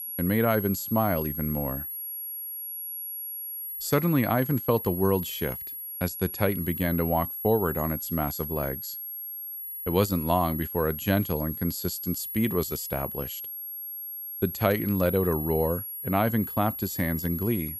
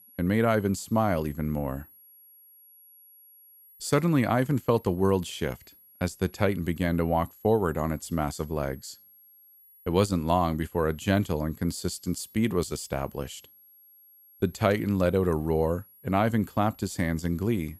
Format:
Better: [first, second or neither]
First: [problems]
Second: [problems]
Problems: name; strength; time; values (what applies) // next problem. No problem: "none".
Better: second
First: high-pitched whine; loud; throughout; 11.5 kHz, 6 dB below the speech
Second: high-pitched whine; faint; throughout; 11.5 kHz, 25 dB below the speech